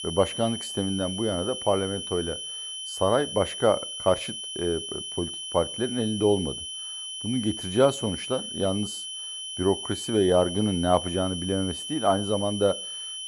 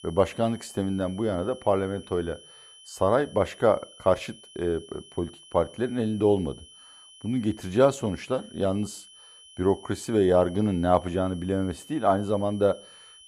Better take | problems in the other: second | high-pitched whine; loud; throughout; 3 kHz, 6 dB below the speech; faint in the second

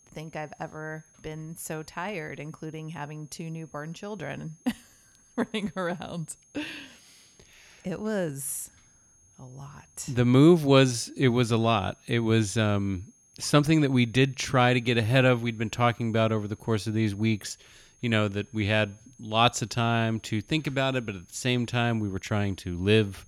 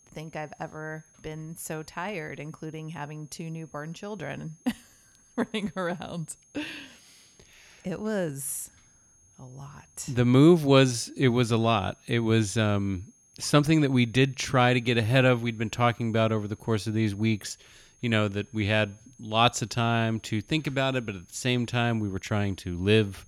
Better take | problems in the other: neither | high-pitched whine; faint; throughout; 6.5 kHz, 30 dB below the speech; the same in both

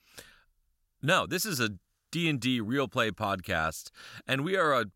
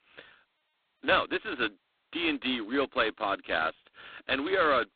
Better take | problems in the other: first | phone-call audio; poor line; nothing above 3.5 kHz

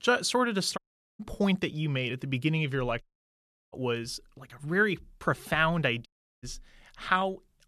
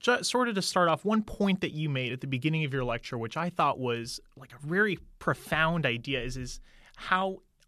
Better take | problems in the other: second | audio cutting out; at 1 s, at 3 s for 0.5 s and at 6 s

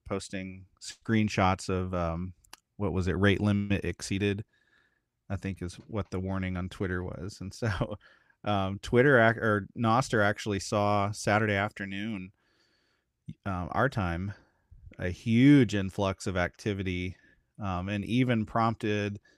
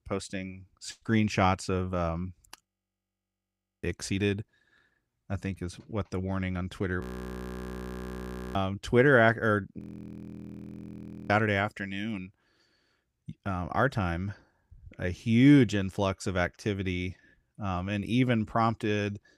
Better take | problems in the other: first | audio freezing; at 2.5 s for 1 s, at 7 s for 1.5 s and at 10 s for 1.5 s

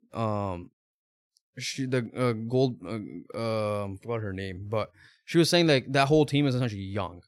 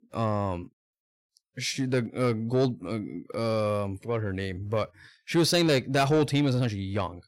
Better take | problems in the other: first | distortion; slight; 10 dB below the speech

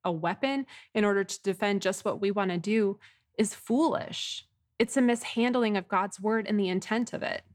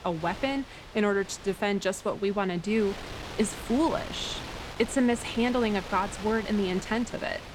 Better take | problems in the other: first | wind noise on the microphone; occasional gusts; 10 dB below the speech

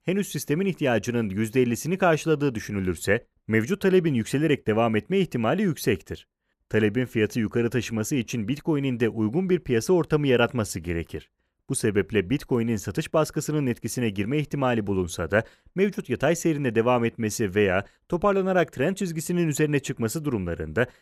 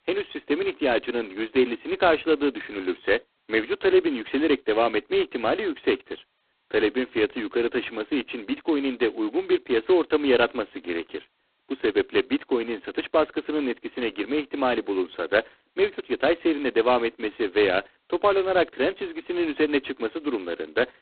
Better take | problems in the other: first | phone-call audio; poor line; nothing above 4 kHz

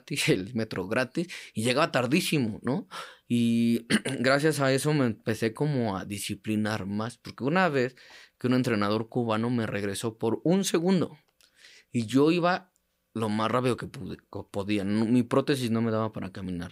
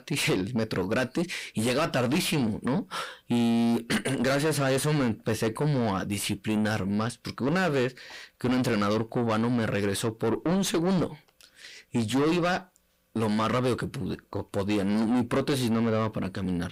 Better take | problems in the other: first | distortion; heavy; 7 dB below the speech

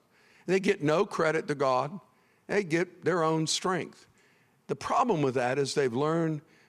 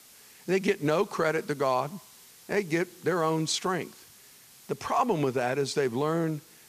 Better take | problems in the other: first | hiss; faint; throughout; 25 dB below the speech

